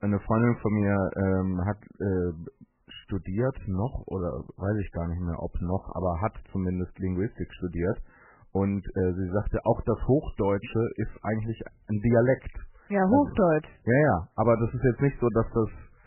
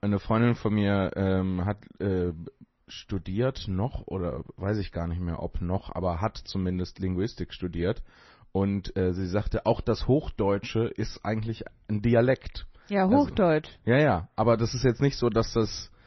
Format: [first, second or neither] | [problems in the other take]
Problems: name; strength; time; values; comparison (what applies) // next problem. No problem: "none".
second | garbled, watery; badly; nothing above 3 kHz; slightly in the second